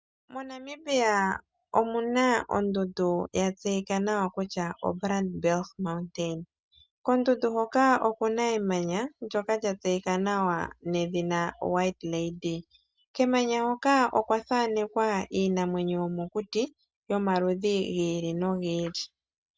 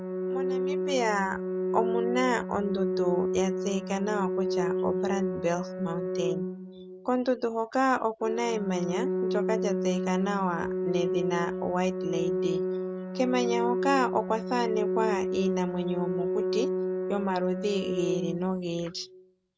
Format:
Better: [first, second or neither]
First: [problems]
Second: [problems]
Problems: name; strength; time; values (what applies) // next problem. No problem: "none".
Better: first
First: none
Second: background sound (Organ); 1 dB below the speech